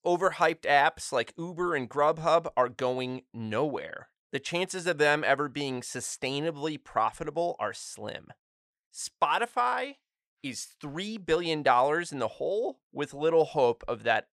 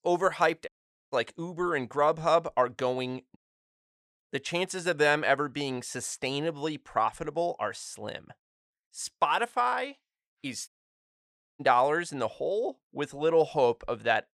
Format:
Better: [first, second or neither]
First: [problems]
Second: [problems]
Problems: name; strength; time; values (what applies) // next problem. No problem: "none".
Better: first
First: none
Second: audio cutting out; at 0.5 s, at 3.5 s for 1 s and at 11 s for 1 s